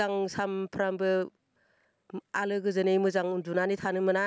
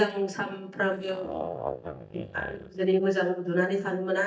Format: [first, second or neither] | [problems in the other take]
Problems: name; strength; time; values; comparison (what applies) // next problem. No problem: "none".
first | noise reduction (neural mask model DeepFilterNet 3)